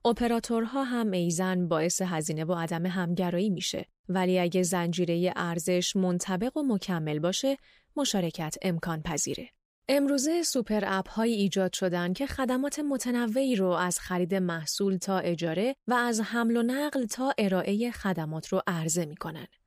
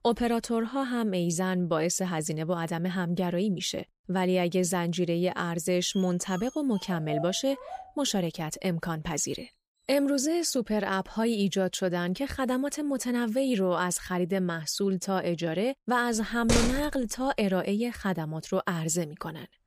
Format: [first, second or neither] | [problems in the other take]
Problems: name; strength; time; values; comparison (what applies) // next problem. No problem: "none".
first | dog barking; noticeable; from 6 to 8 s; peak 8 dB below the speech // door banging; loud; at 16 s; peak 1 dB above the speech